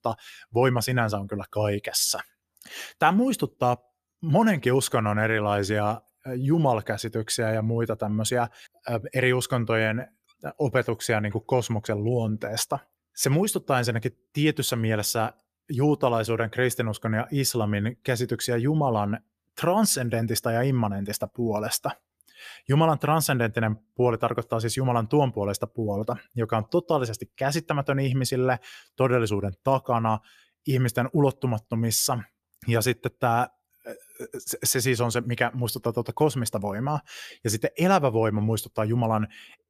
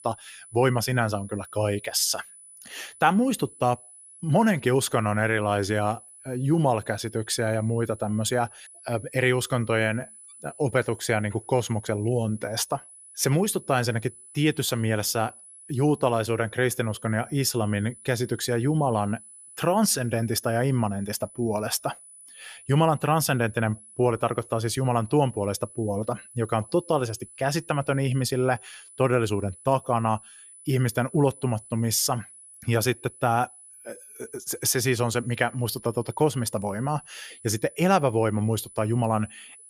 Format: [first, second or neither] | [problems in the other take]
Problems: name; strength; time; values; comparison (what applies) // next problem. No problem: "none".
first | high-pitched whine; noticeable; throughout; 10 kHz, 20 dB below the speech